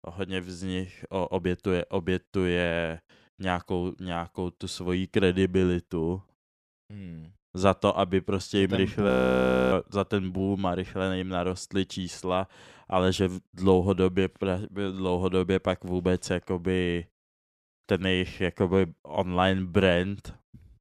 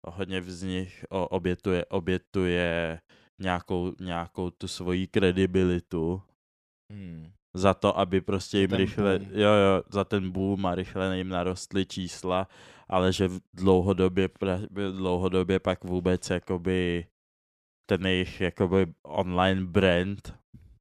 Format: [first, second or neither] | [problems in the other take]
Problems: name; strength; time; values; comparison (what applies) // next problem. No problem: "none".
second | audio freezing; at 9 s for 0.5 s